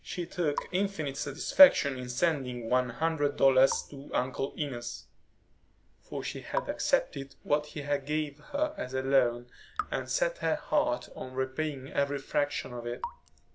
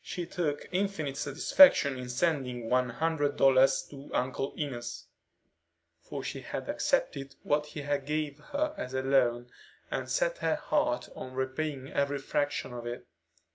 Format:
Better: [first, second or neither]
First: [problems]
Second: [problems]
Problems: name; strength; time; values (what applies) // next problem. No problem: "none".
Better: second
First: background sound (Raindrop / Drip); 17 dB below the speech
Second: none